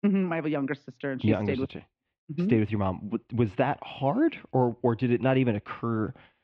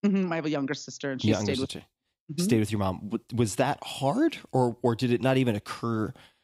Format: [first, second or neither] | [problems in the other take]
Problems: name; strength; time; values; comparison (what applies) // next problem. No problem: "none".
second | muffled; very; fading above 2.5 kHz